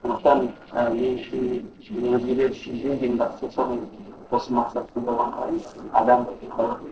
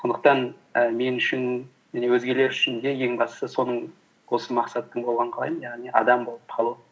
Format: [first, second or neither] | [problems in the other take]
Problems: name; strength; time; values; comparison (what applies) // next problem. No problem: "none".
second | noise reduction (neural separator model SepFormer DNS4)